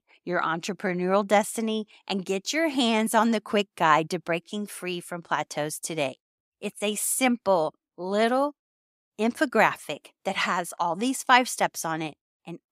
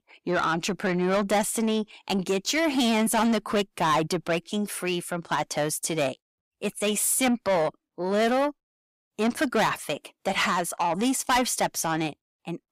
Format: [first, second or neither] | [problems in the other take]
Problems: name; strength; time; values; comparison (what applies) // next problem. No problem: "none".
first | distortion; heavy; 7 dB below the speech